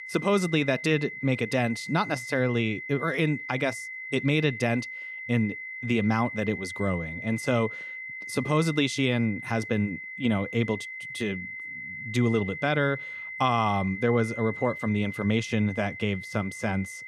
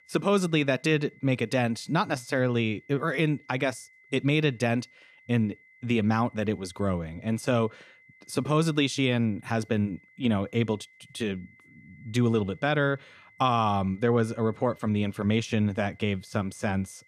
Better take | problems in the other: second | high-pitched whine; loud; throughout; 2 kHz, 9 dB below the speech; faint in the second

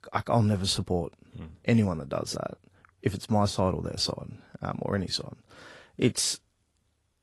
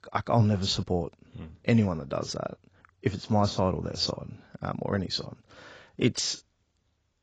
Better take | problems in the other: first | garbled, watery; badly; nothing above 7.5 kHz; slightly in the first

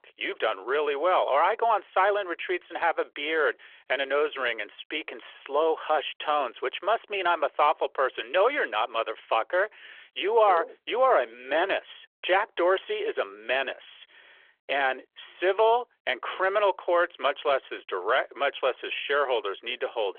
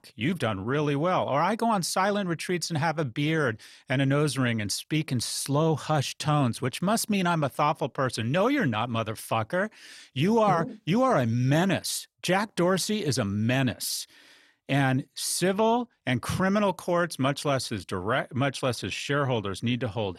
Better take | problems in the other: second | phone-call audio; nothing above 3.5 kHz

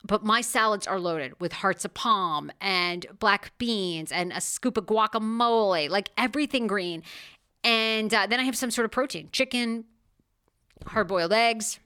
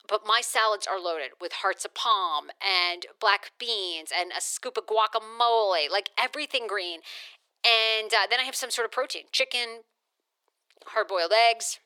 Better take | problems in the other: first | thin; very; fading below 400 Hz

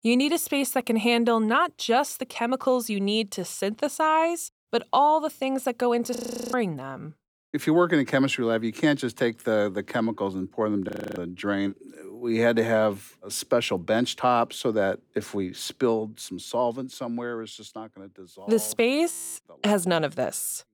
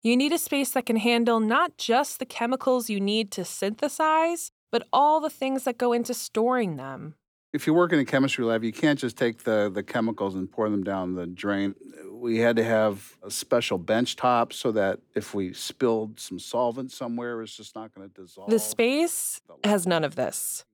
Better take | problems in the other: second | audio freezing; at 6 s, at 11 s and at 19 s

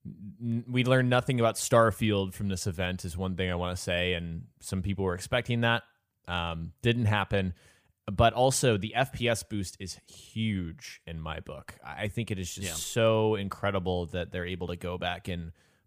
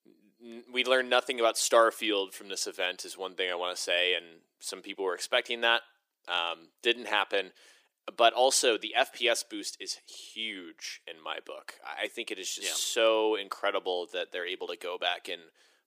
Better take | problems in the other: first | thin; very; fading below 300 Hz

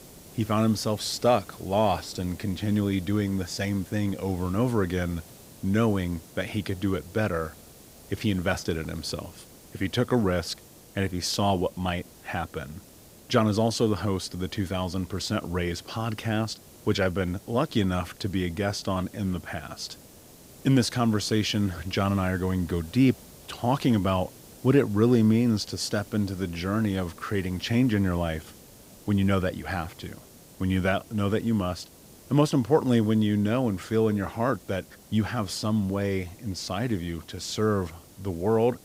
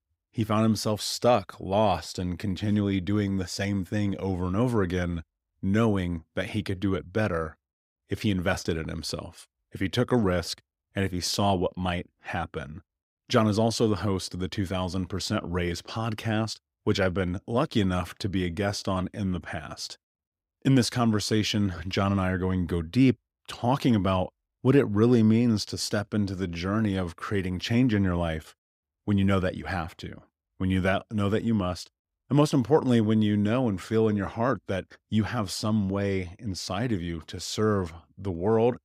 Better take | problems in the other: second | hiss; faint; throughout; 20 dB below the speech

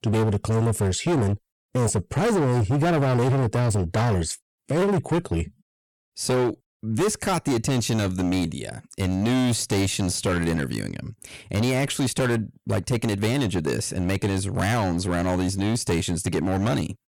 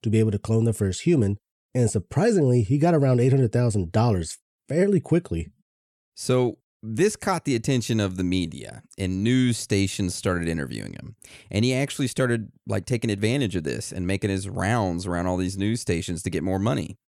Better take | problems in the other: second | distortion; heavy; 21% of the sound clipped

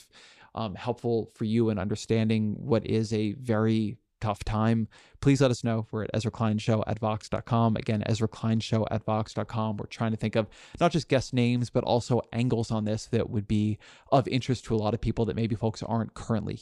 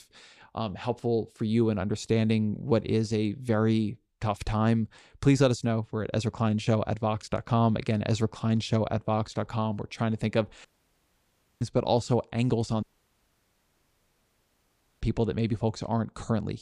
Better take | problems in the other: first | audio cutting out; at 11 s for 1 s and at 13 s for 2 s

